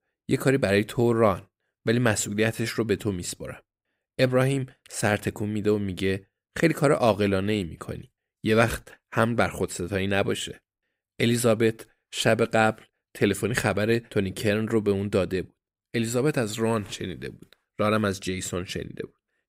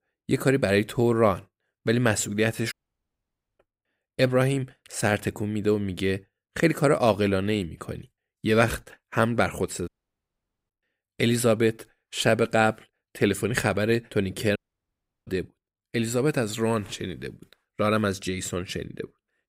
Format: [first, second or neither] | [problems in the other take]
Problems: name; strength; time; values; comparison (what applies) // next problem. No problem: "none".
first | audio cutting out; at 2.5 s for 1 s, at 10 s for 1 s and at 15 s for 0.5 s